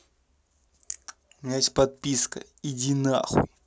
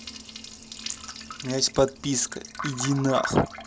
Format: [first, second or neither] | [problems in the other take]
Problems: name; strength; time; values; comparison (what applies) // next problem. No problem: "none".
first | background sound (Liquid); 10 dB below the speech